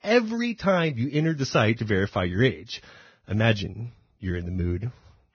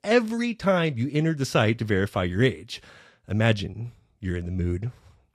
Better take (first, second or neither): second